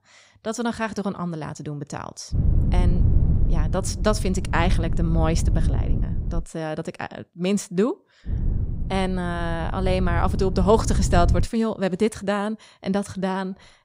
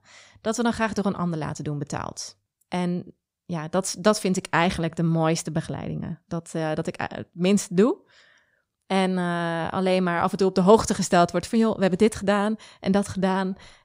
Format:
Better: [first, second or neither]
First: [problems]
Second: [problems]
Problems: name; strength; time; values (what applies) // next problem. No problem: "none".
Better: second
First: wind noise on the microphone; occasional gusts; from 2.5 to 6.5 s and from 8.5 to 11 s; 10 dB below the speech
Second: none